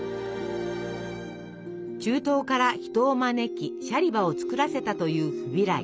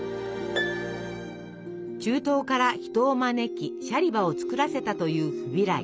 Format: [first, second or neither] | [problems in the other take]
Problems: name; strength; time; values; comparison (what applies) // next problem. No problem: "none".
first | background sound (Harp); 14 dB below the speech